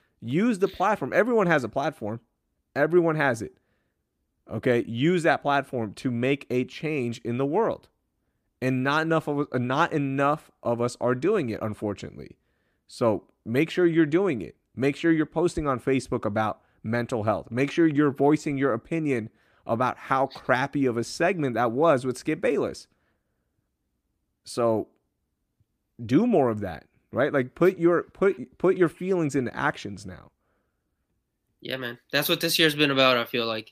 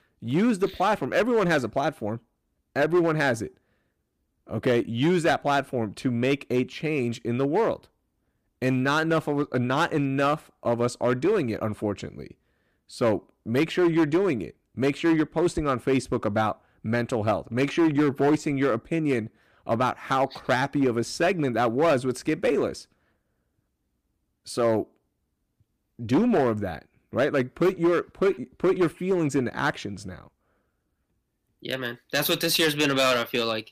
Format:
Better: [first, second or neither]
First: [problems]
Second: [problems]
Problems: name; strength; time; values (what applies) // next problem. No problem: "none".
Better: first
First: none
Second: distortion; slight; 5% of the sound clipped